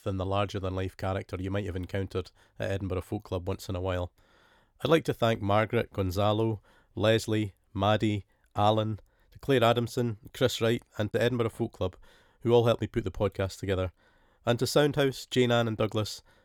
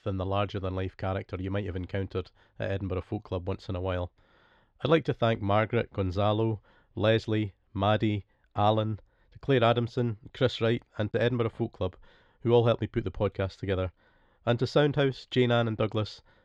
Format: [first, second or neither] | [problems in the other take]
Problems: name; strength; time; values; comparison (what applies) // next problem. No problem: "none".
first | muffled; very slightly; fading above 4 kHz